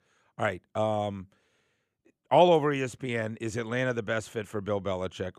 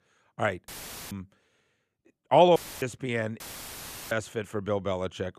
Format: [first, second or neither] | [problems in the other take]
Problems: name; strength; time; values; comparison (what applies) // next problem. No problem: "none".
first | audio cutting out; filled with static; at 0.5 s, at 2.5 s and at 3.5 s for 0.5 s